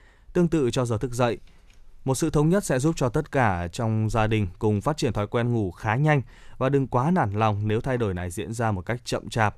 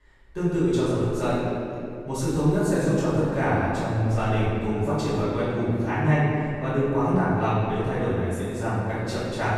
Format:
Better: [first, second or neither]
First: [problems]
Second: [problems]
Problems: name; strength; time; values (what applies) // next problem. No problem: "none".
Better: first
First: none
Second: room echo; strong; dies away in 2.3 s // off-mic speech; far